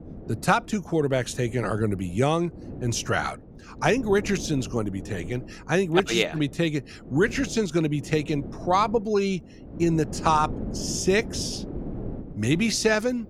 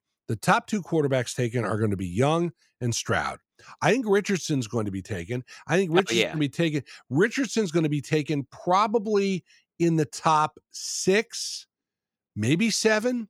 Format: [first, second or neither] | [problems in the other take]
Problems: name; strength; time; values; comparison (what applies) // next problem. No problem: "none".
second | wind noise on the microphone; occasional gusts; 20 dB below the speech